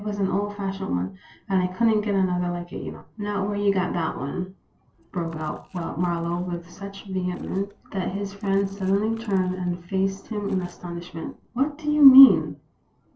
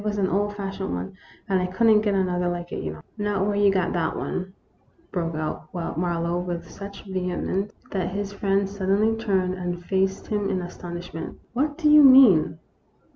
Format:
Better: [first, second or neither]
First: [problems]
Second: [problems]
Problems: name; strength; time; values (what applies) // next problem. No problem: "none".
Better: second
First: noise reduction (neural separator model SepFormer DNS4)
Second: none